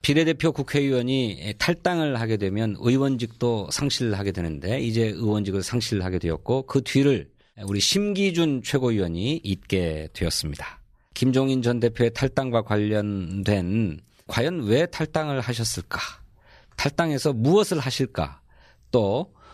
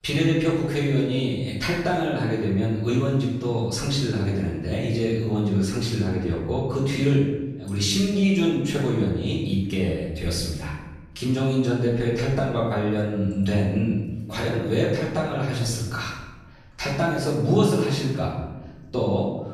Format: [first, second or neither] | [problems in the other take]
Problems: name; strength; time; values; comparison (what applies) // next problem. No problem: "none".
first | off-mic speech; far // room echo; noticeable; dies away in 1 s